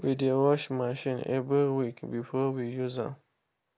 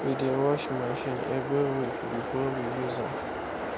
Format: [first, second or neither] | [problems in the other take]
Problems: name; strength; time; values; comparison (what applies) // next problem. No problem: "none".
first | background sound (Train); 3 dB below the speech